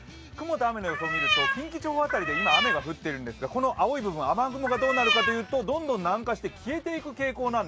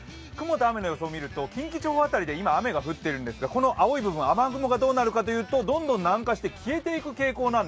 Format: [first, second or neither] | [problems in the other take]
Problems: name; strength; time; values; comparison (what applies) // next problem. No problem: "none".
second | background sound (Cat); 2 dB above the speech